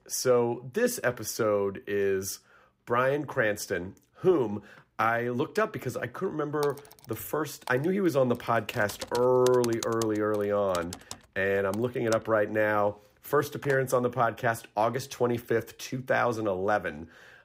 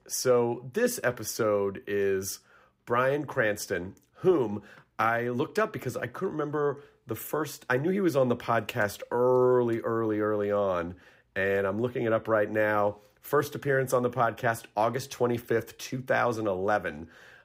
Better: second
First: keyboard typing; noticeable; from 6.5 to 14 s; peak 10 dB below the speech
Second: none

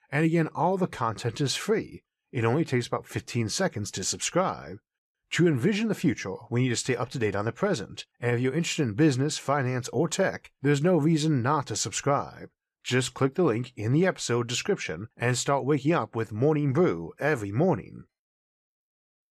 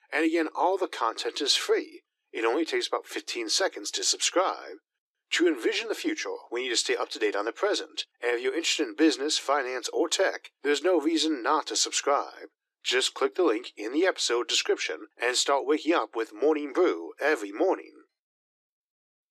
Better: first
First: none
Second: thin; very; fading below 300 Hz

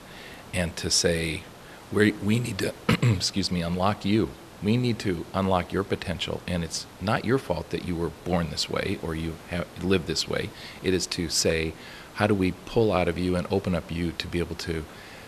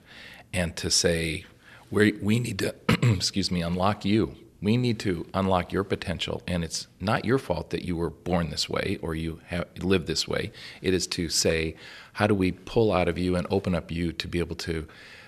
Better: second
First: hiss; noticeable; throughout; 20 dB below the speech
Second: none

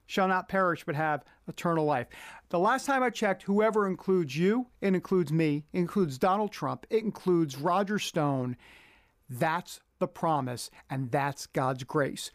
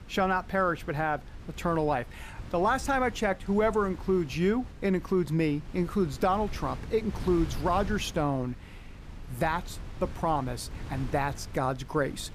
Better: first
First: none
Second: wind noise on the microphone; occasional gusts; 20 dB below the speech

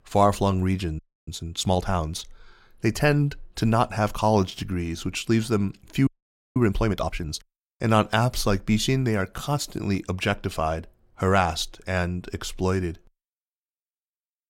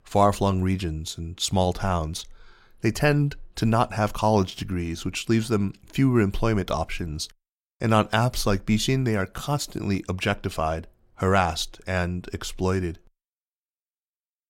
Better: second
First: audio freezing; at 1 s and at 6 s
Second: none

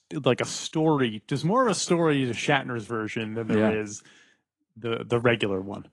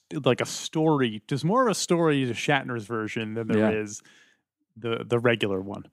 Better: second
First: garbled, watery; slightly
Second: none

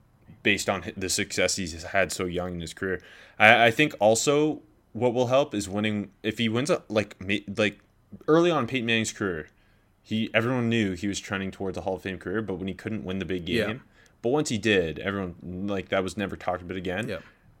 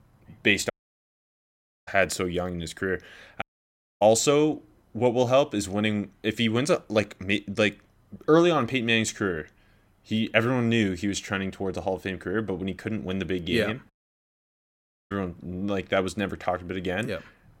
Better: first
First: none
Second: audio cutting out; at 0.5 s for 1 s, at 3.5 s for 0.5 s and at 14 s for 1 s

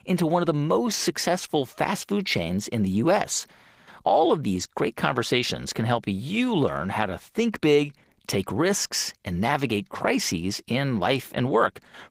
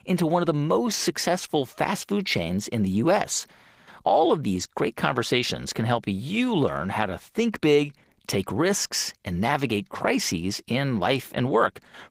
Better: neither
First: garbled, watery; slightly; nothing above 15.5 kHz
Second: garbled, watery; slightly; nothing above 15.5 kHz

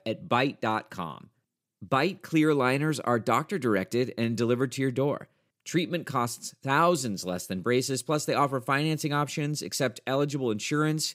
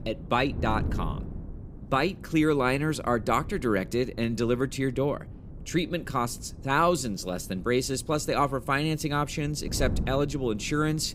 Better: first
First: none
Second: wind noise on the microphone; occasional gusts; 20 dB below the speech

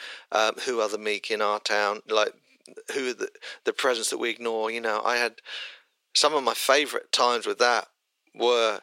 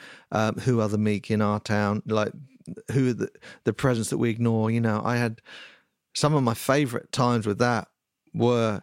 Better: second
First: thin; very; fading below 400 Hz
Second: none

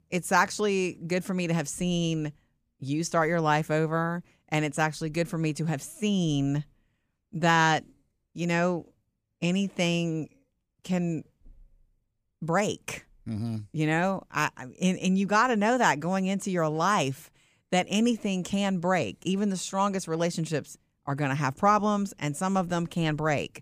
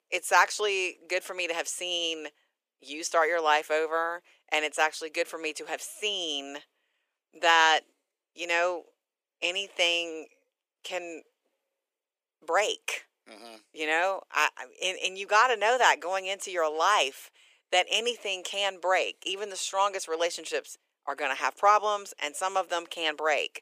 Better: first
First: none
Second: thin; very; fading below 400 Hz

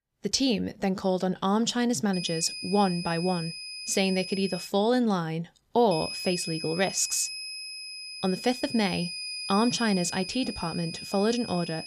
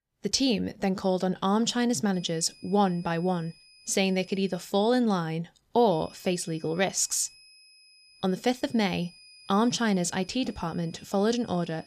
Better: second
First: high-pitched whine; loud; from 2 to 4.5 s and from 6 s on; 5 kHz, 8 dB below the speech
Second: high-pitched whine; faint; from 2 to 4.5 s and from 6 s on; 5 kHz, 25 dB below the speech

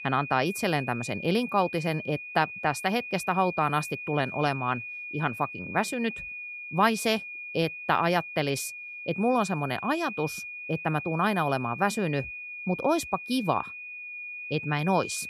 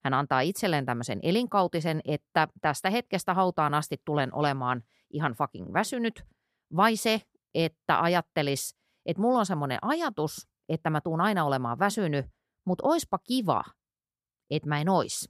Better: second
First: high-pitched whine; loud; throughout; 2.5 kHz, 9 dB below the speech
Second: none

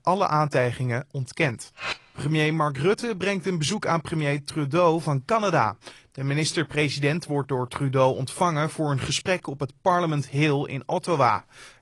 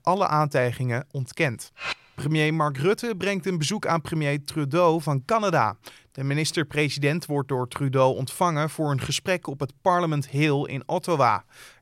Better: second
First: garbled, watery; slightly; nothing above 10.5 kHz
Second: none

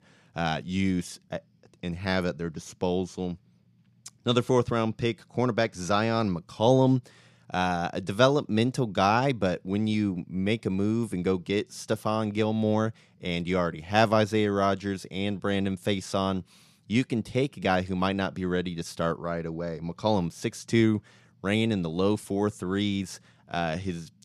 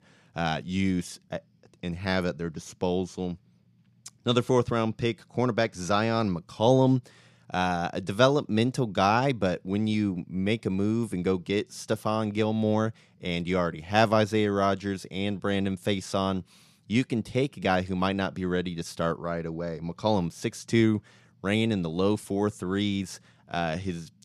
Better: neither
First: none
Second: none

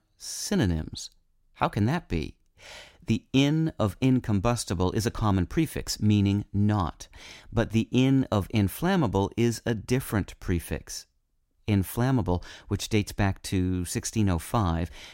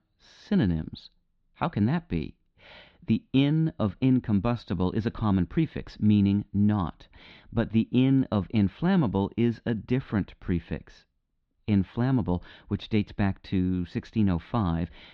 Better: first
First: none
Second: muffled; slightly; fading above 4 kHz

